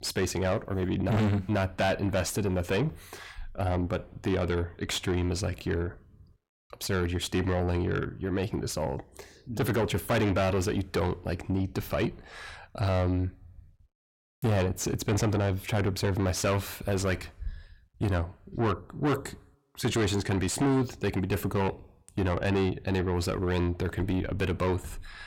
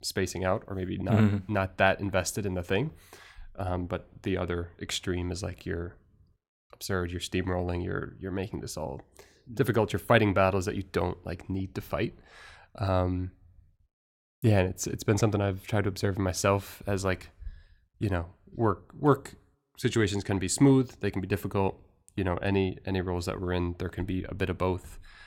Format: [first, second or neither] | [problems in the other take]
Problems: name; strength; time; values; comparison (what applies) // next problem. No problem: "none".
second | distortion; heavy; 5 dB below the speech